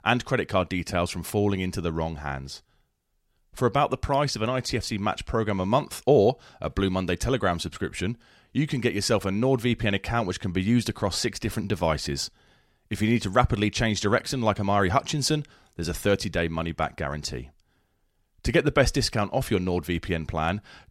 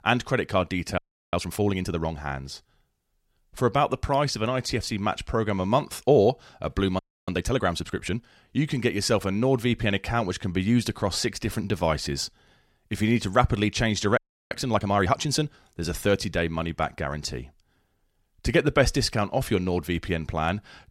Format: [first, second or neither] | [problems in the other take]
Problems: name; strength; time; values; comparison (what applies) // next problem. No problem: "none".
first | audio freezing; at 1 s, at 7 s and at 14 s